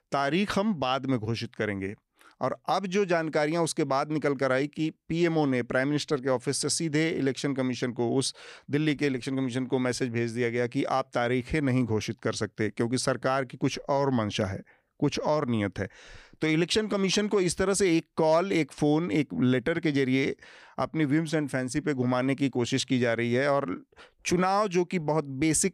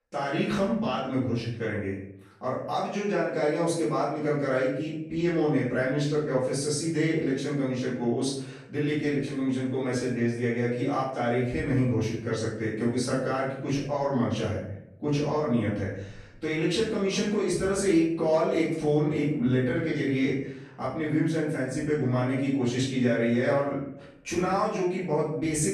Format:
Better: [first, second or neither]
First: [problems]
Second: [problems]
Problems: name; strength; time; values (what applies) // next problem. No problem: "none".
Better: first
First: none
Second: off-mic speech; far // room echo; noticeable; dies away in 0.7 s